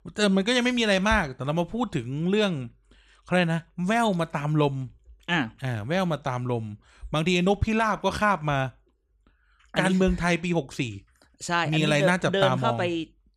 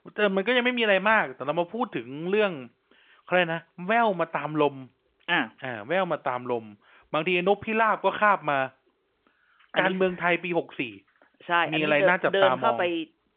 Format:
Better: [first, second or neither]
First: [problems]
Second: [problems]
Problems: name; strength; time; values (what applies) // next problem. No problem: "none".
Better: first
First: none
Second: phone-call audio; nothing above 3 kHz